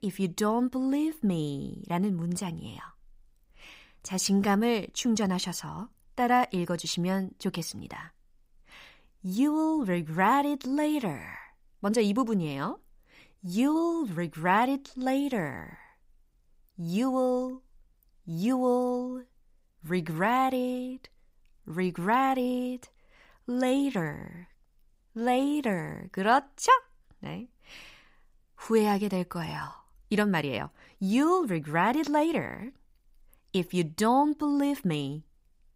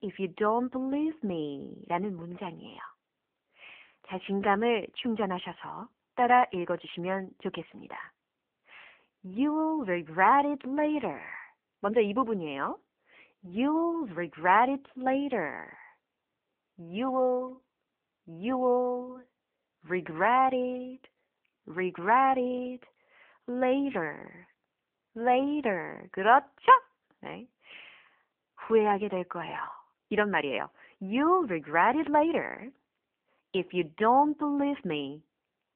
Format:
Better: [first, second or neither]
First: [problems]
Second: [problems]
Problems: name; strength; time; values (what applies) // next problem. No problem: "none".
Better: first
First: none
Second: phone-call audio